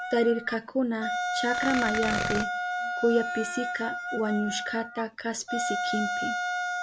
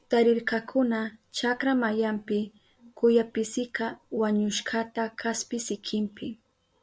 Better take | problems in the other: second | background sound (Tearing + Wind instrument, woodwind instrument); 2 dB below the speech

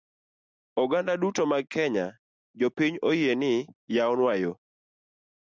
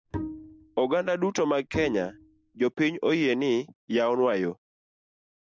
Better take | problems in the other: first | background sound (Bowed string instrument); 11 dB below the speech

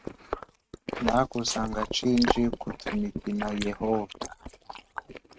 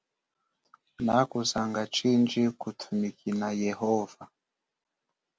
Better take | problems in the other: second | noise reduction (neural mask model RNNoise)

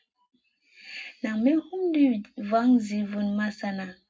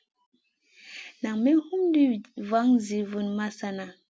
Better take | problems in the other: second | room echo; dies away in 0.3 s

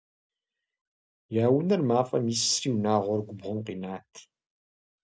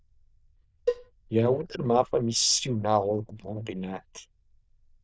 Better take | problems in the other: first | noise reduction (neural diffusion model UNIVERSE++)

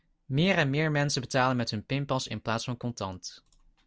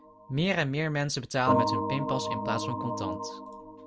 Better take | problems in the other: first | background sound (Organ); 1 dB below the speech

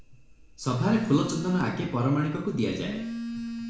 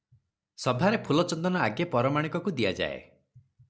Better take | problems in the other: second | background sound (Telephone); 10 dB below the speech // room echo; dies away in 0.6 s

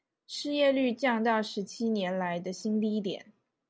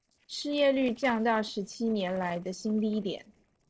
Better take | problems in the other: first | noise reduction (neural separator model SepFormer DNS4)

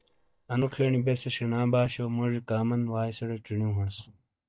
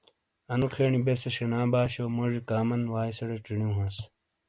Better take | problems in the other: second | noise reduction (neural mask model DeepFilterNet 3)

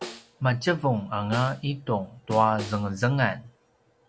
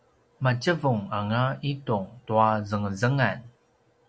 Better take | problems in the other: second | background sound (Snare drum + Snare drum); 17 dB below the speech

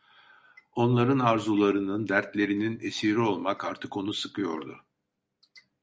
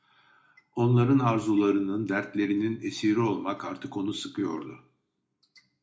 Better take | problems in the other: first | room echo; dies away in 0.3 s

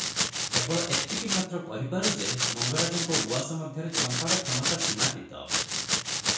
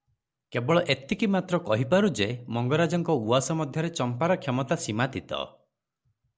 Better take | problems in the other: second | background sound (Domestic sounds, home sounds); 3 dB above the speech // room echo; dies away in 0.6 s

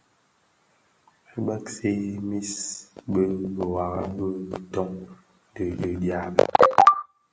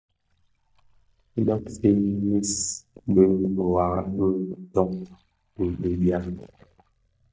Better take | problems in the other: first | noise reduction (neural mask model DeepFilterNet 3)

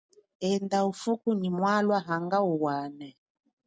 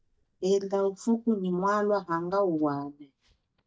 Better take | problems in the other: first | noise reduction (neural mask model DeepFilterNet 3)

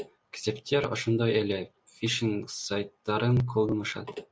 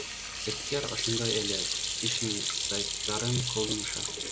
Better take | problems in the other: first | background sound (Sink (filling or washing) / Hands); 2 dB above the speech

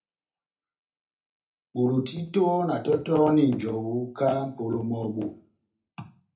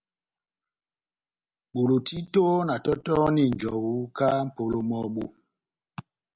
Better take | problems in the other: second | room echo; dies away in 0.3 s

